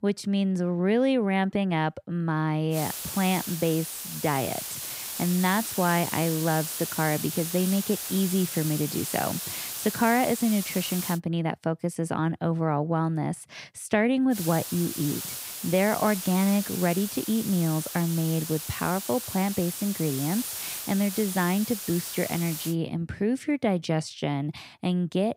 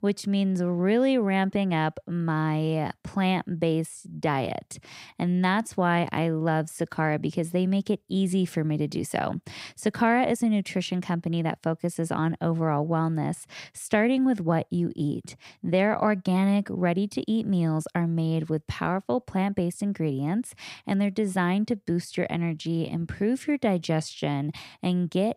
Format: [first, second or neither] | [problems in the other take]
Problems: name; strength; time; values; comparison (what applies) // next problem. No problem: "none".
second | hiss; loud; from 3 to 11 s and from 14 to 23 s; 6 dB below the speech